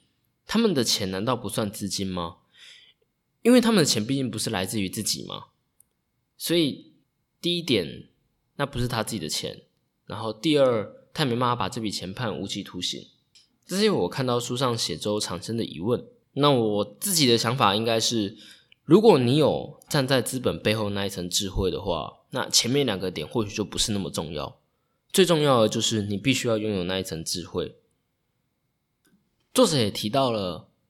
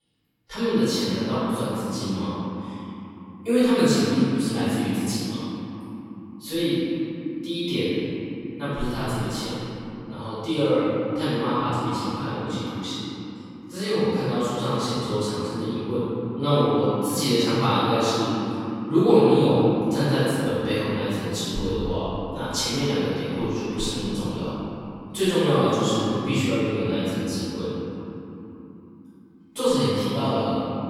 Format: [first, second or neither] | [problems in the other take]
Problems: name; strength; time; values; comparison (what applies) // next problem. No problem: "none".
first | room echo; strong; dies away in 3 s // off-mic speech; far